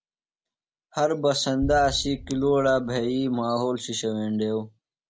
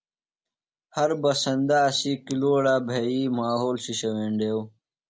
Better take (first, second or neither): second